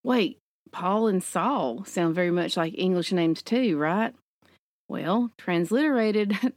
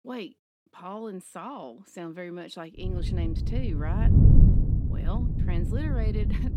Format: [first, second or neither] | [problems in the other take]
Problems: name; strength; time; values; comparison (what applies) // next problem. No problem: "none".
first | wind noise on the microphone; heavy; from 3 s on; 2 dB above the speech